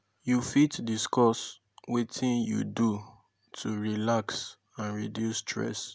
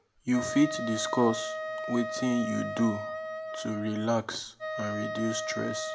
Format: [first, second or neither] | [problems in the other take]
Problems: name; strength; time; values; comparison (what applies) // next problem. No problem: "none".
first | background sound (Wind instrument, woodwind instrument); 5 dB below the speech // room echo; dies away in 0.3 s